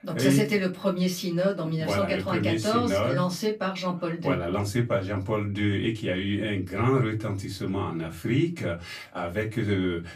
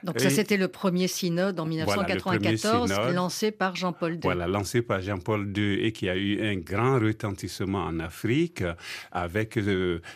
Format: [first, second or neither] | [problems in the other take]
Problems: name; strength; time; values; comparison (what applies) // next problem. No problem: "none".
second | off-mic speech; far // room echo; very slight; dies away in 0.2 s